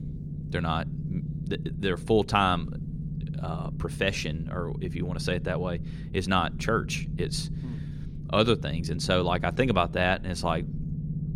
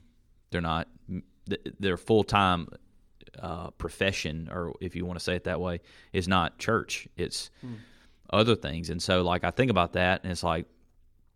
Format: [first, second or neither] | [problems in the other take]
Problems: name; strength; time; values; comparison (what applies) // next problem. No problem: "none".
second | low rumble; noticeable; throughout; 15 dB below the speech